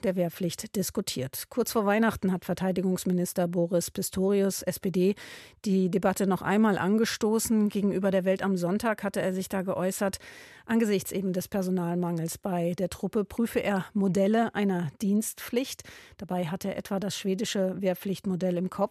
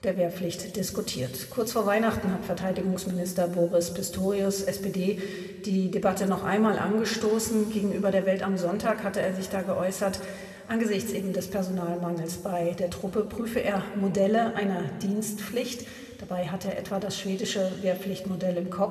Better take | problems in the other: first | room echo; slight; dies away in 2 s

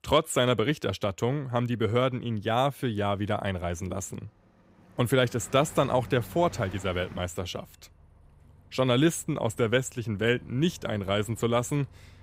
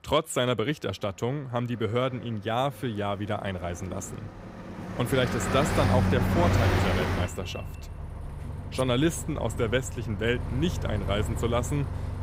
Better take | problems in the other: first | traffic noise; loud; throughout; 1 dB below the speech; faint in the first

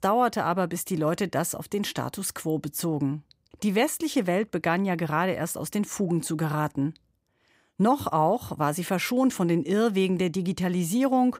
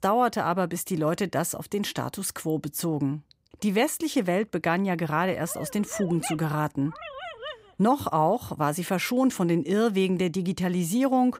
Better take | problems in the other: first | dog barking; noticeable; from 5 to 7.5 s; peak 9 dB below the speech

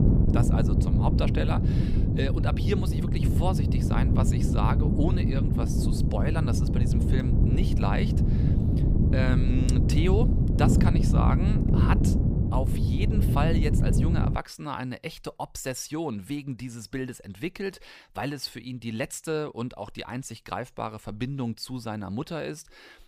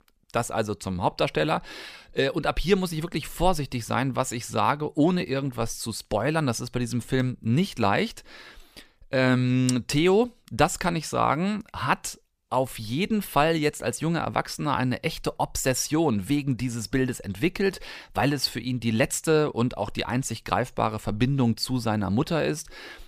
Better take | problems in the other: second | wind noise on the microphone; heavy; until 14 s; 1 dB below the speech

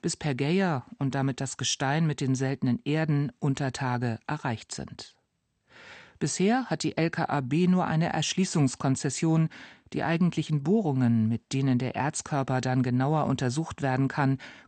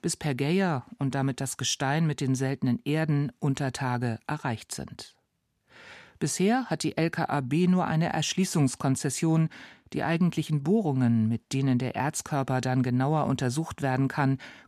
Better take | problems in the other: second | garbled, watery; slightly; nothing above 8.5 kHz

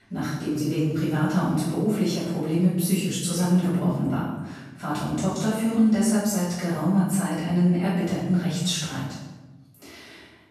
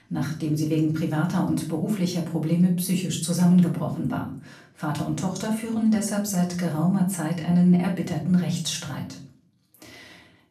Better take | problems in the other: second | room echo; strong; dies away in 1 s; slight in the second // off-mic speech; far; far in the second

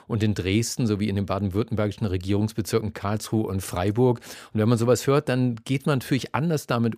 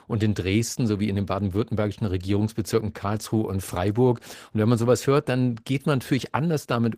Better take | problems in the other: first | garbled, watery; slightly; nothing above 15 kHz

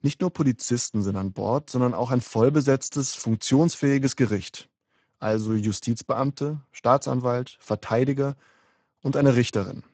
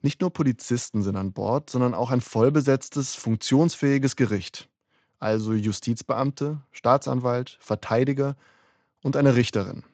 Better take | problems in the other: second | garbled, watery; badly; nothing above 7.5 kHz; slightly in the second

